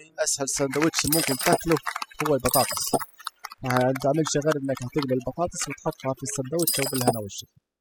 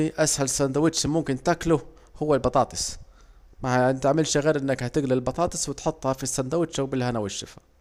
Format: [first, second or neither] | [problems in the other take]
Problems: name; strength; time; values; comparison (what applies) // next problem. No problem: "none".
second | noise reduction (classical method spectral subtraction)